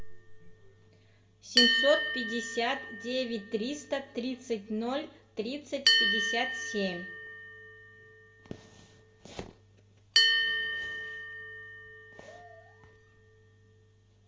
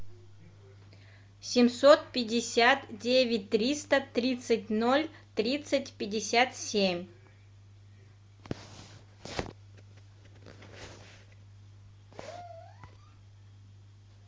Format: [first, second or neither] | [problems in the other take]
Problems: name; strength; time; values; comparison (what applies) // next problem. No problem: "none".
second | background sound (Bell); 3 dB above the speech // room echo; dies away in 0.6 s